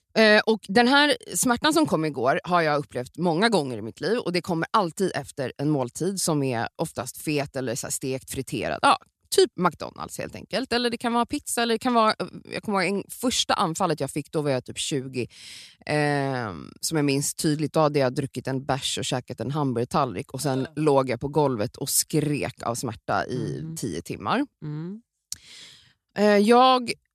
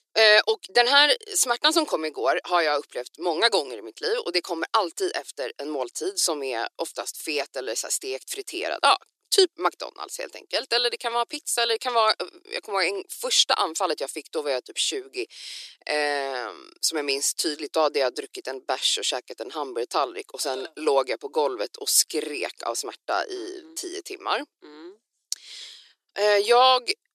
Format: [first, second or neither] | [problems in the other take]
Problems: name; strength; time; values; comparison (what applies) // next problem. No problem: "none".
first | thin; very; fading below 350 Hz